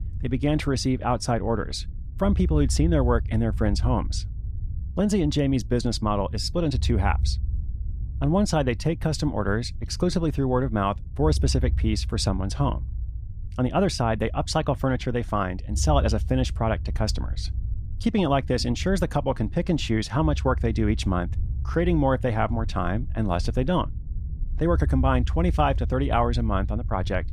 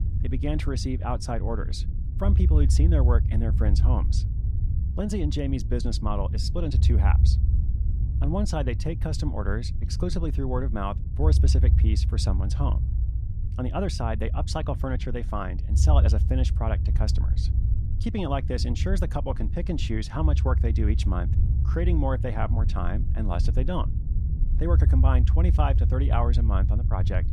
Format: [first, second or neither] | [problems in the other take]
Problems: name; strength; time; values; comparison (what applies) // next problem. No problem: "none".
first | low rumble; loud; throughout; 9 dB below the speech; faint in the first